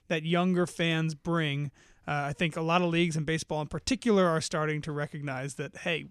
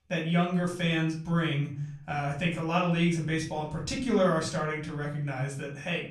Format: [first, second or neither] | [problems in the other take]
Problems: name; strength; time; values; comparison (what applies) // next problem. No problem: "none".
first | off-mic speech; far // room echo; slight; dies away in 0.5 s